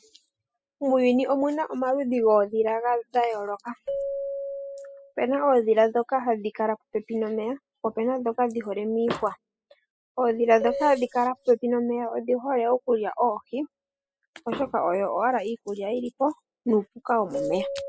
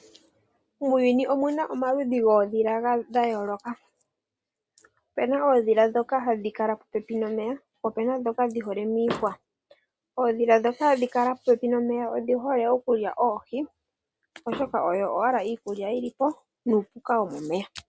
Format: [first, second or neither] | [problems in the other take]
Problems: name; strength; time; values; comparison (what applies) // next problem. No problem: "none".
second | noise reduction (classical method spectral subtraction)